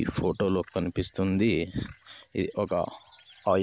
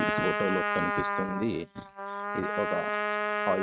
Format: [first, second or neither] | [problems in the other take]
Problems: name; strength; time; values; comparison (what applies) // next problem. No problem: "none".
first | noise reduction (neural mask model RNNoise)